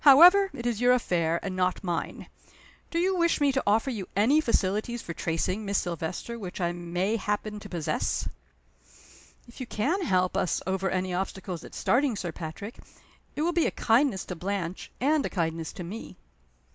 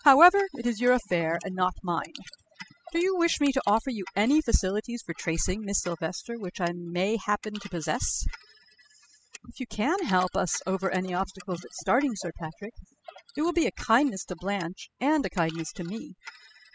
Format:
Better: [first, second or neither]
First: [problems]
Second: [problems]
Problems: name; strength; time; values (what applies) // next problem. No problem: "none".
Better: first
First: none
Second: noise reduction (classical method spectral subtraction)